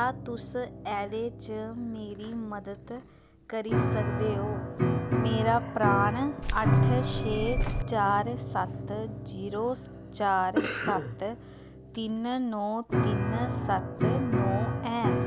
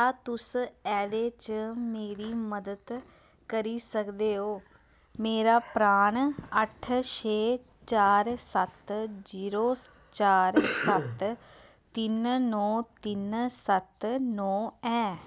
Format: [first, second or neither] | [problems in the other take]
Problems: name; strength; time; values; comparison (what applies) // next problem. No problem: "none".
second | background sound (Piano + Keys jangling); 1 dB above the speech